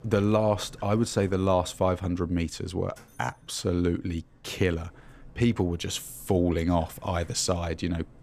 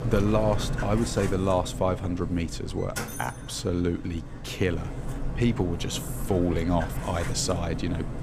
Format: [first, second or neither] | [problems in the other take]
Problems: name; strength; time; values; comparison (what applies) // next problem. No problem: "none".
first | machinery noise; loud; throughout; 7 dB below the speech; faint in the first